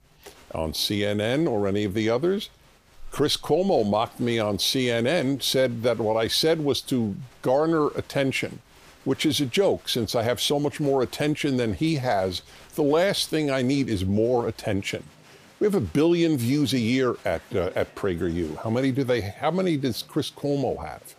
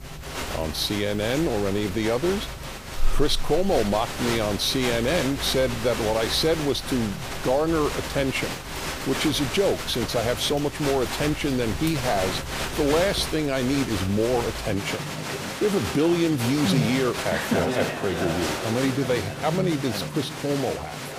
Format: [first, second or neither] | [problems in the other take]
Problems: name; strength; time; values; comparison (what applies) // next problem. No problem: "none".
first | crowd noise; loud; throughout; 5 dB below the speech; faint in the first